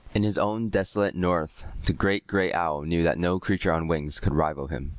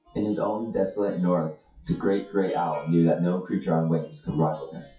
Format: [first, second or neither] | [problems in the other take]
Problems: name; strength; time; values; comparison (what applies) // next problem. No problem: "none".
first | noise reduction (classical method WPE with log-MMSE)